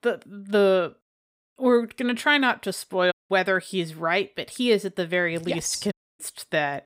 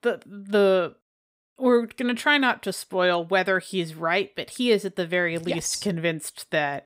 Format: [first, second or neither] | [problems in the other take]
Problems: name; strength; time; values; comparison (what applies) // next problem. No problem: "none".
second | audio cutting out; at 3 s and at 6 s